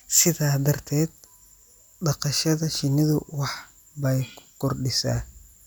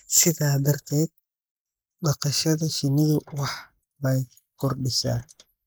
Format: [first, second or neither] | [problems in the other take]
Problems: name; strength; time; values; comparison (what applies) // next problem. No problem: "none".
first | noise reduction (neural mask model Resemble Enhance denoiser)